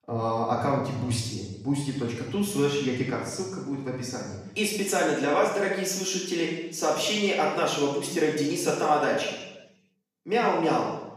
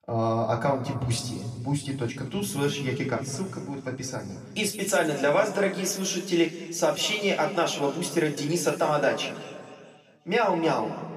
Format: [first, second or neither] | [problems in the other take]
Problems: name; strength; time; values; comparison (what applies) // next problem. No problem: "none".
second | room echo; strong; dies away in 0.9 s; slight in the second // off-mic speech; far; somewhat distant in the second